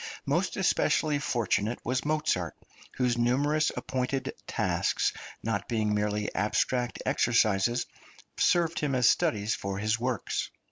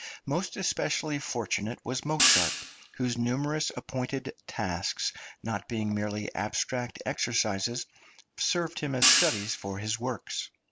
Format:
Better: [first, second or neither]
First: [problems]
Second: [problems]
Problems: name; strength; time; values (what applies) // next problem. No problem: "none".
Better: first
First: none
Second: background sound (Hi-hat); 2 dB above the speech